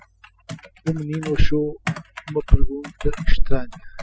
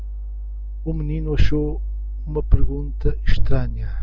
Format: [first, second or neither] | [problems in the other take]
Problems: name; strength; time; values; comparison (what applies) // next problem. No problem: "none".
second | noise reduction (classical method spectral subtraction)